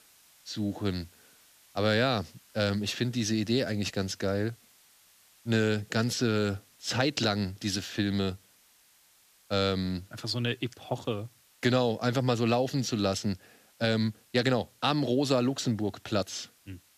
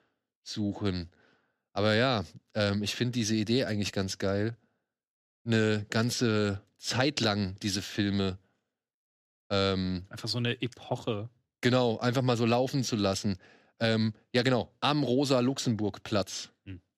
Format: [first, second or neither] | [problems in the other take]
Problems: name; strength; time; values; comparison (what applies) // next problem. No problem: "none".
second | hiss; faint; throughout; 30 dB below the speech